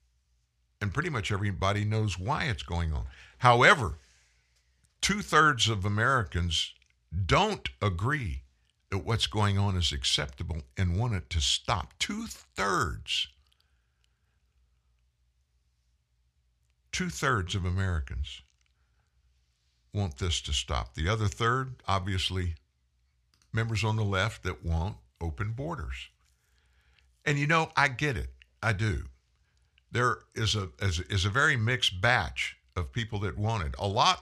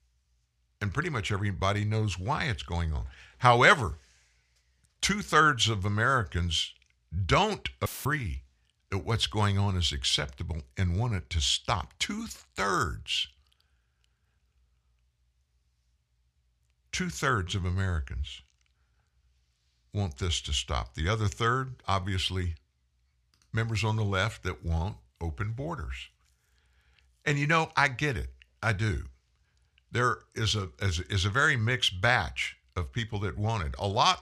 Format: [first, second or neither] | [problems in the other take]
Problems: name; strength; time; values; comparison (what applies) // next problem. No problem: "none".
first | audio cutting out; filled with static; at 8 s